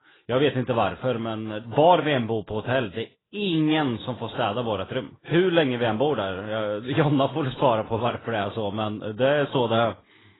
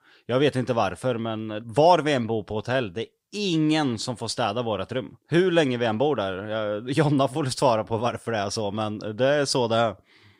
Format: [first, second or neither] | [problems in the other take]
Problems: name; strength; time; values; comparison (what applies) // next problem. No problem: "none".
second | garbled, watery; badly; nothing above 4 kHz